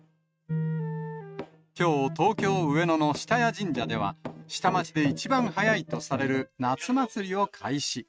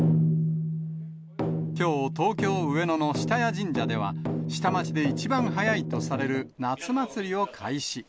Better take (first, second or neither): second